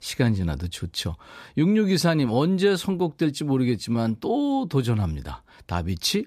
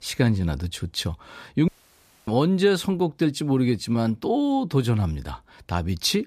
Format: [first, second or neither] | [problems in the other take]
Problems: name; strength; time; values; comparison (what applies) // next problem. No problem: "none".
first | audio cutting out; at 1.5 s for 0.5 s